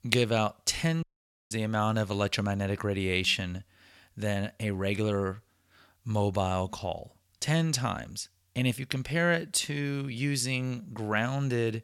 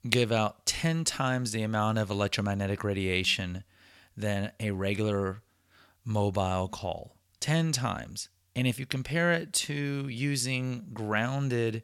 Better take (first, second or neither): second